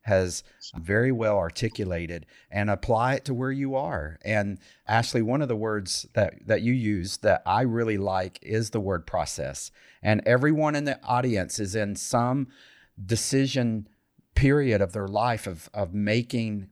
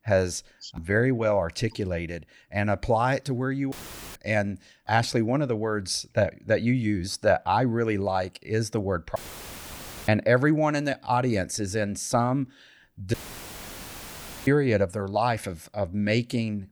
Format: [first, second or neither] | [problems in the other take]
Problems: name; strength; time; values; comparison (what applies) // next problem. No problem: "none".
first | audio cutting out; filled with static; at 3.5 s, at 9 s for 1 s and at 13 s for 1.5 s